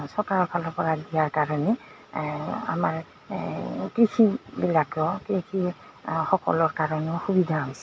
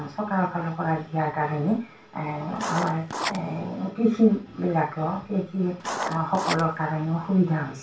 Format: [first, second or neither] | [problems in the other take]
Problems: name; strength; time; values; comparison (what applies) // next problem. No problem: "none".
first | background sound (Writing); 6 dB below the speech // room echo; dies away in 0.3 s